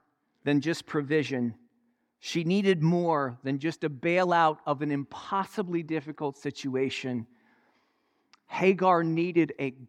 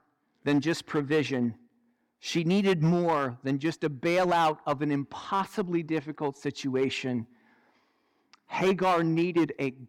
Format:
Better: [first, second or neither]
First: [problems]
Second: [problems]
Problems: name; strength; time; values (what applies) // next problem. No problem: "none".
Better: first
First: none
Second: distortion; slight; 4% of the sound clipped